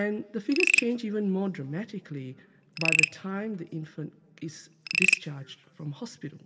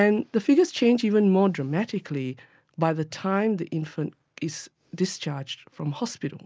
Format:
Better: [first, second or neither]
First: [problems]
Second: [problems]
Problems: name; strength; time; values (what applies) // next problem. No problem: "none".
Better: second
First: background sound (Frog); 2 dB above the speech // room echo; dies away in 2.4 s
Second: none